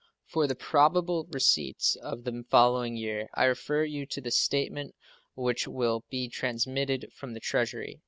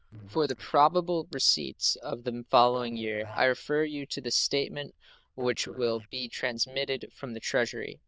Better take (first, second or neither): first